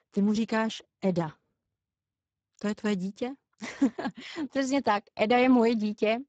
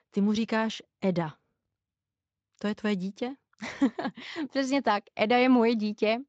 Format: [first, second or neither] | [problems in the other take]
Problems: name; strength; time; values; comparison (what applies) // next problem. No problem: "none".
second | garbled, watery; badly; nothing above 7.5 kHz; slightly in the second